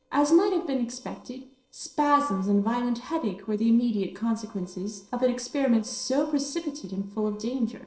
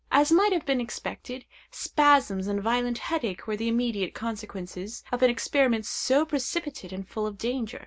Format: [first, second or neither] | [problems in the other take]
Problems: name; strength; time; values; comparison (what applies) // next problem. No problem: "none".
second | noise reduction (neural separator model SepFormer DNS4)